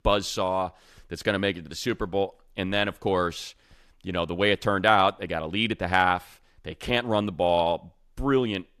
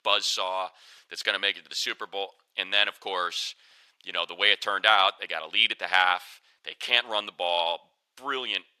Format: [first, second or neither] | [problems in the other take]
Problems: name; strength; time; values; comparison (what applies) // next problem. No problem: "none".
first | thin; very; fading below 750 Hz